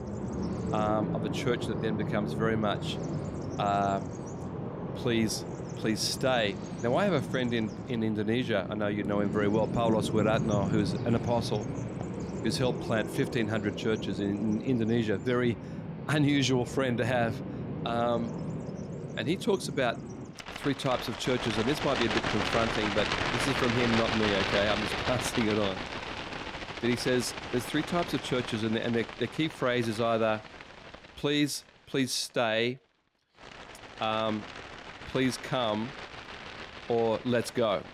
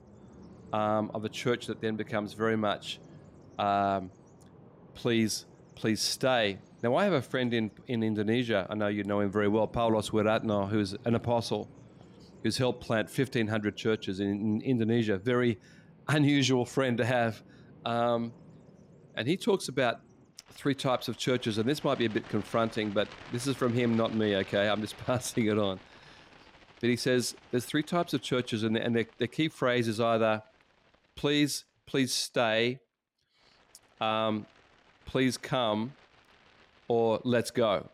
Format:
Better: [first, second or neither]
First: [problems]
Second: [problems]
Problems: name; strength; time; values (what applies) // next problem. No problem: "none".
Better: second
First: animal sounds; loud; throughout; 5 dB below the speech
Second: animal sounds; faint; throughout; 25 dB below the speech